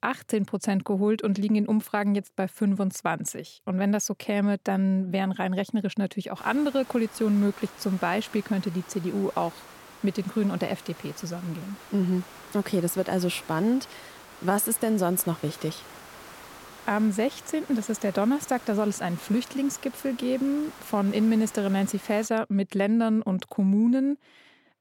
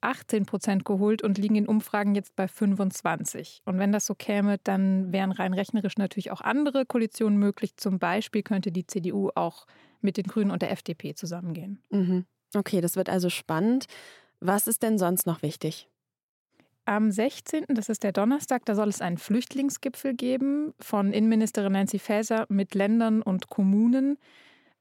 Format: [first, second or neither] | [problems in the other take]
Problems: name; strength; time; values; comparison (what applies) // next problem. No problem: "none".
second | hiss; noticeable; from 6.5 to 22 s; 20 dB below the speech